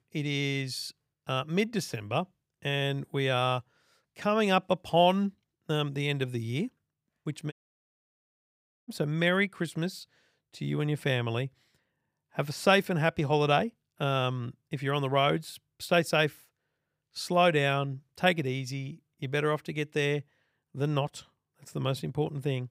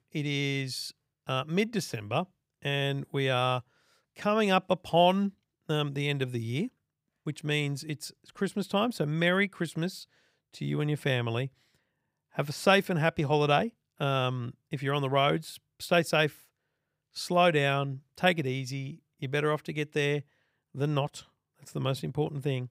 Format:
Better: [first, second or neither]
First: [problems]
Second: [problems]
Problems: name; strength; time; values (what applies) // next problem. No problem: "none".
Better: second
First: audio cutting out; at 7.5 s for 1.5 s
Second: none